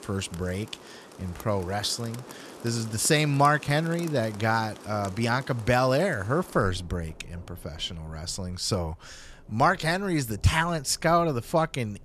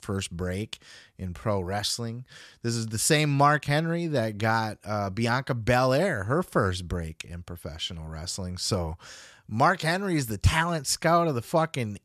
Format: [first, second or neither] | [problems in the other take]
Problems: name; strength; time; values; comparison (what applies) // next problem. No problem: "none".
second | rain or running water; noticeable; throughout; 20 dB below the speech